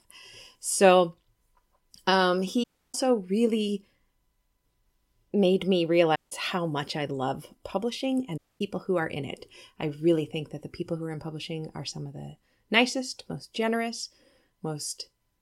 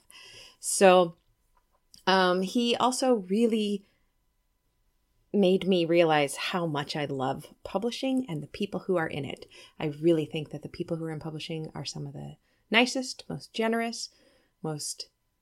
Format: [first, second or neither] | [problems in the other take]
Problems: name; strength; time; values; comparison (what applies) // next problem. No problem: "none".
second | audio cutting out; at 2.5 s, at 6 s and at 8.5 s